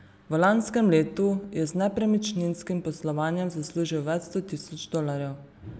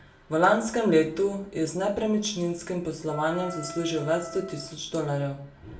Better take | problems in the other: first | background sound (Wind instrument, woodwind instrument); 14 dB below the speech // room echo; dies away in 0.3 s

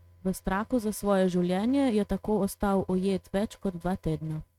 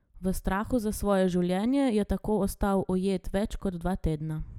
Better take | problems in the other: second | noise reduction (neural mask model RNNoise)

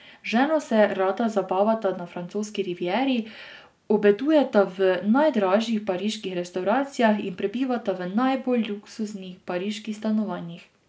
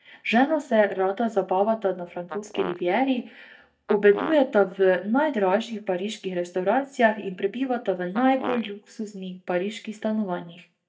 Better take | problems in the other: first | noise reduction (neural mask model DeepFilterNet 3)

